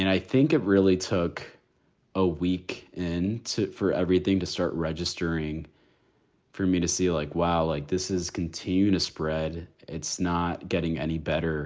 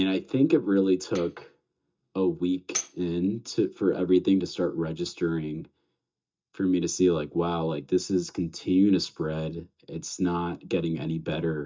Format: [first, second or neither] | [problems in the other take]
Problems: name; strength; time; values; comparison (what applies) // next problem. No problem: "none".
first | noise reduction (neural mask model DeepFilterNet 3)